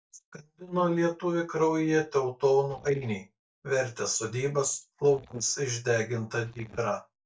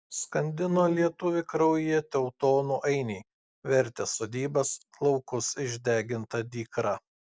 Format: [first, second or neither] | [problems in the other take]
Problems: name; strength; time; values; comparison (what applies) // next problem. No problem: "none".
second | noise reduction (neural mask model DeepFilterNet 3)